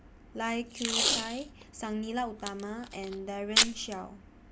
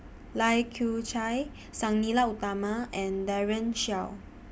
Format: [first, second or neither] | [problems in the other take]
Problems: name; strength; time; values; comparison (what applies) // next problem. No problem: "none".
second | background sound (Packing tape, duct tape); 3 dB above the speech